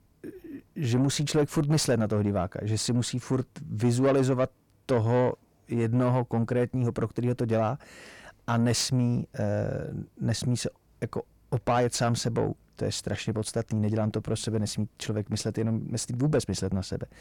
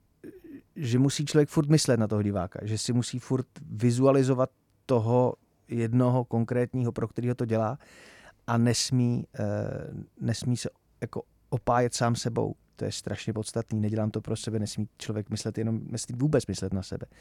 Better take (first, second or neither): second